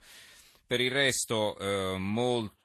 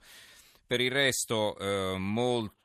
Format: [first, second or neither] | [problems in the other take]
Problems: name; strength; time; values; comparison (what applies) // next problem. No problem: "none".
second | garbled, watery; slightly; nothing above 13 kHz